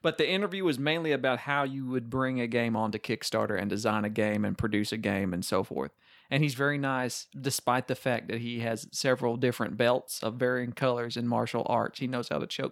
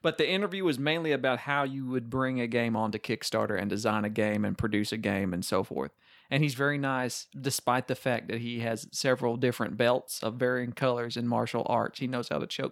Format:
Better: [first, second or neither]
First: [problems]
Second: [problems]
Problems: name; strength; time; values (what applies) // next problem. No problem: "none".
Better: neither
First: none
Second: none